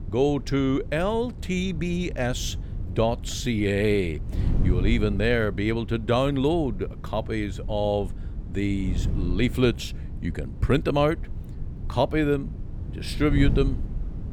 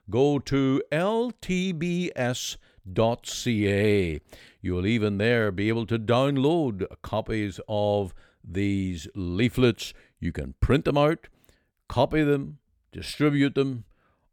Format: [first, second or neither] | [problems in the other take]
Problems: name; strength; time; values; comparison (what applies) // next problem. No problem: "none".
second | wind noise on the microphone; occasional gusts; 20 dB below the speech